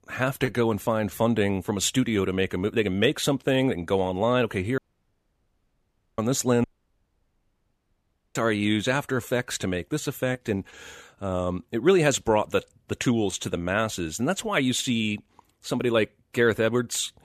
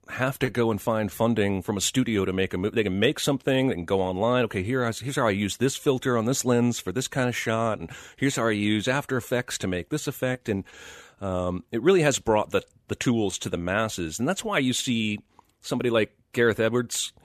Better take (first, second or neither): second